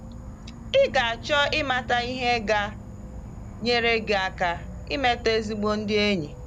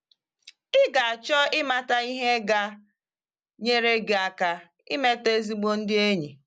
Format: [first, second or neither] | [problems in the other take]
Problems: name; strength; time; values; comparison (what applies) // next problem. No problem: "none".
second | background sound (Insect / Frog); 12 dB below the speech